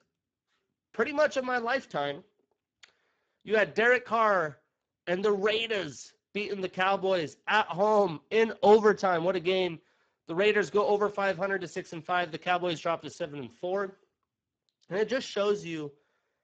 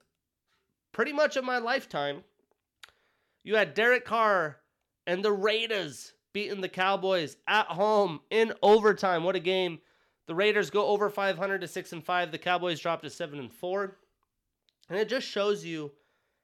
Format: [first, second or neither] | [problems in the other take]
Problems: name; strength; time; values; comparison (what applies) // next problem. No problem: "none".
second | garbled, watery; badly; nothing above 7.5 kHz